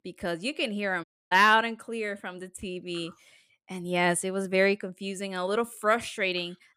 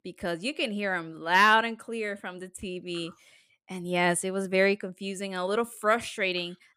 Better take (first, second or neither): second